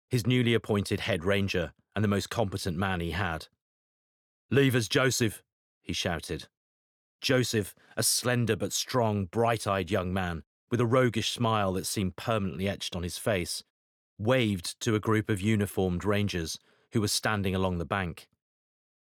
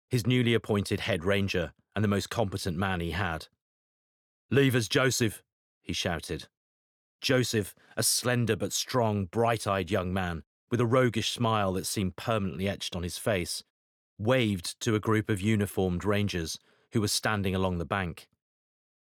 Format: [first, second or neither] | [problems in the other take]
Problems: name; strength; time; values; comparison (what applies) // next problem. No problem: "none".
neither | none